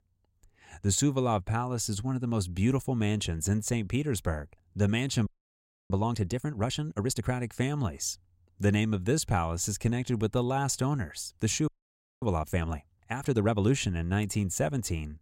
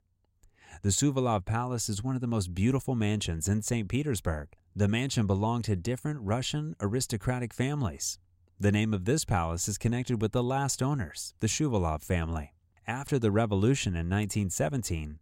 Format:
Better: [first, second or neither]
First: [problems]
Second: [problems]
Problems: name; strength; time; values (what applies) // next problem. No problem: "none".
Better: second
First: audio freezing; at 5.5 s for 0.5 s and at 12 s for 0.5 s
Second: none